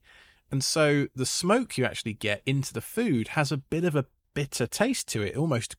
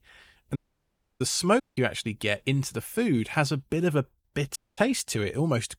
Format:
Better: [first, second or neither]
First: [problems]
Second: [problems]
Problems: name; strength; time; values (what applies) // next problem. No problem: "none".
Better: first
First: none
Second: audio cutting out; at 0.5 s for 0.5 s, at 1.5 s and at 4.5 s